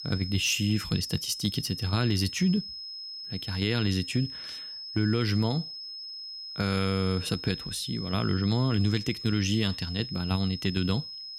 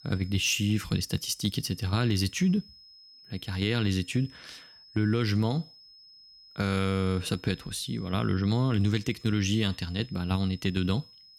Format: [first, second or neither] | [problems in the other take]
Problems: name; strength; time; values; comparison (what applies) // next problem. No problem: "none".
second | high-pitched whine; loud; throughout; 5 kHz, 9 dB below the speech; faint in the second